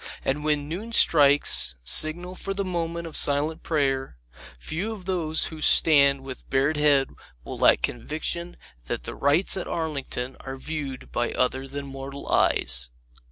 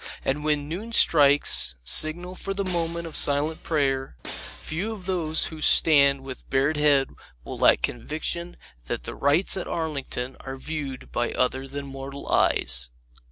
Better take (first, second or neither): first